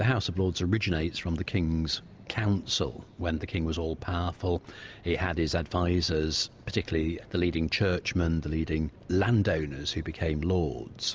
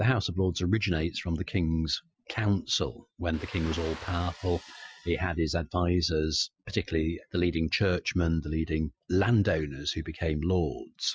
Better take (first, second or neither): first